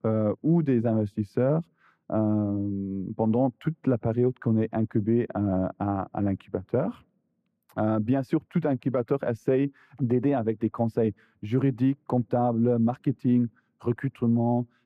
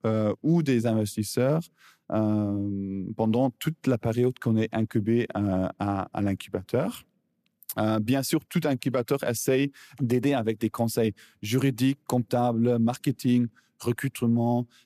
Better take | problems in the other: second | muffled; very; fading above 3 kHz

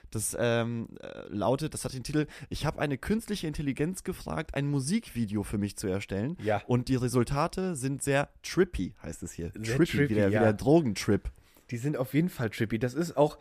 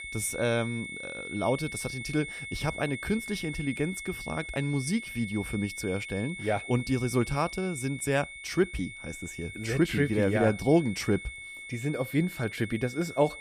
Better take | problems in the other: first | high-pitched whine; loud; throughout; 2 kHz, 9 dB below the speech

